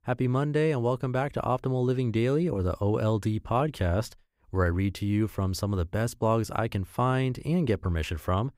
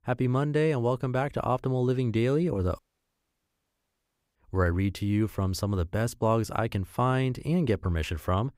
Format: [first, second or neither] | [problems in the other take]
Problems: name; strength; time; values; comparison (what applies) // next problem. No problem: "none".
first | audio cutting out; at 3 s for 1.5 s